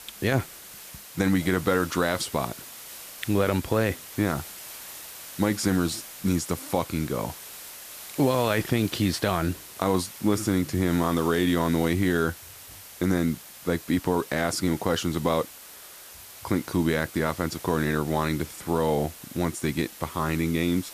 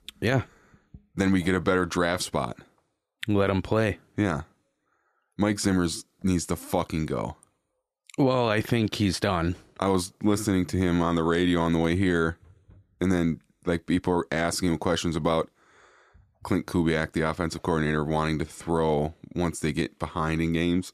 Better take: second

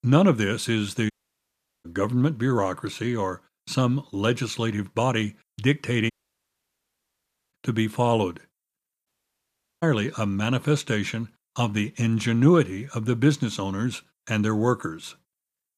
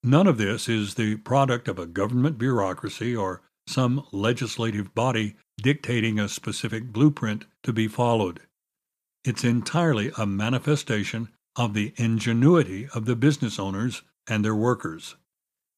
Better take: second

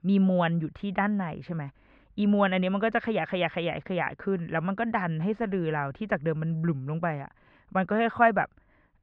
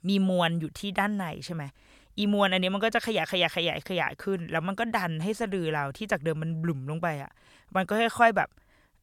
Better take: second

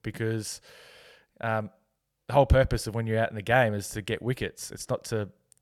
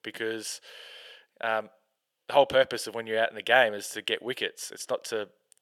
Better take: first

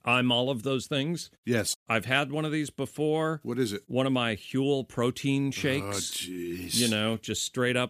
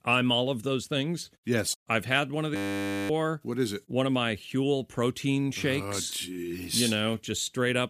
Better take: first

